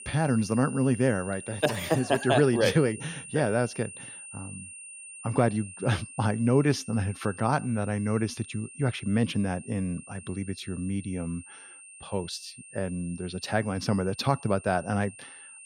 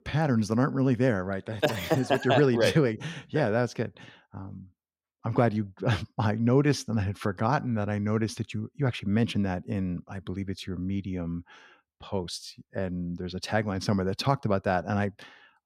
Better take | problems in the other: second | high-pitched whine; noticeable; throughout; 9 kHz, 15 dB below the speech

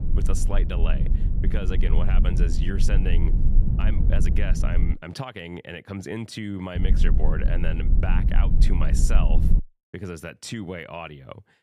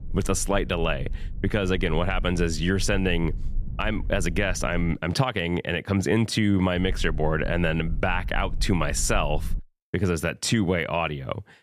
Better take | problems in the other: second | low rumble; loud; until 5 s and from 7 to 9.5 s; 5 dB below the speech; faint in the second

